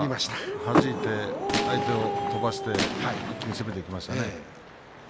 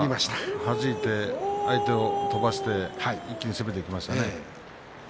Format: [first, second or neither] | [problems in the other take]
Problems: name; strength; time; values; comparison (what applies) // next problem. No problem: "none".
second | background sound (Gunshot, gunfire + Door / Car); 1 dB below the speech